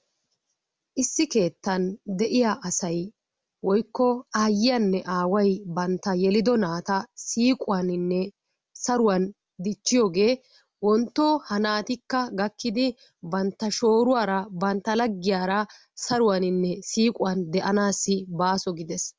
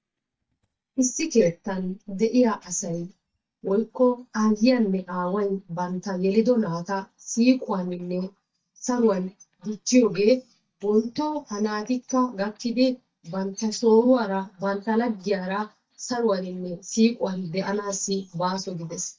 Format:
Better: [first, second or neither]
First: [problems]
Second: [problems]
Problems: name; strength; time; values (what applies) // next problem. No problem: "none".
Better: first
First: none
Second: noise reduction (neural mask model DeepFilterNet 3)